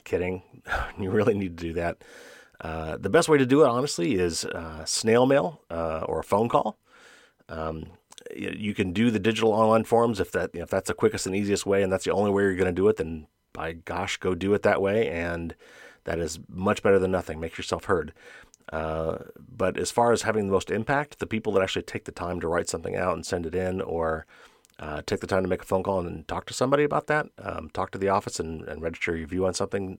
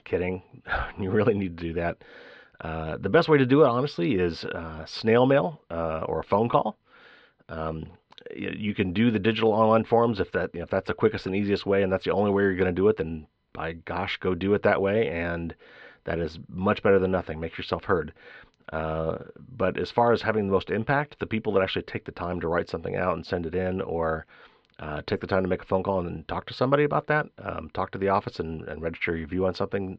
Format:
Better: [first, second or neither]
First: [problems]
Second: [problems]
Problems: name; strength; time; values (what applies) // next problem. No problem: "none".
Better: first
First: none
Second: muffled; slightly; fading above 4 kHz